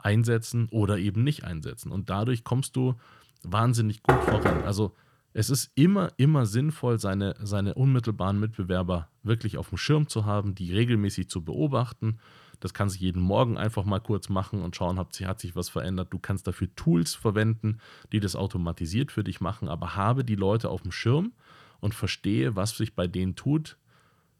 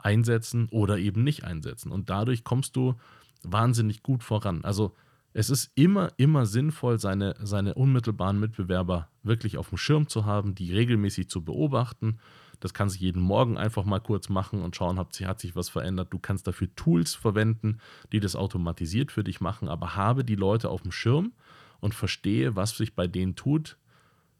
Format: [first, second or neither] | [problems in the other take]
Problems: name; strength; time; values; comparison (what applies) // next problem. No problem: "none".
second | door banging; loud; at 4 s; peak 4 dB above the speech